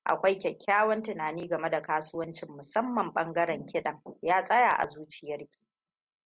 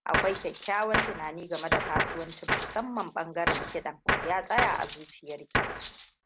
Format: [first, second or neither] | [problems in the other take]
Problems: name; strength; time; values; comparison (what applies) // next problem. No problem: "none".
first | background sound (Gunshot, gunfire + Cutlery, silverware); 1 dB above the speech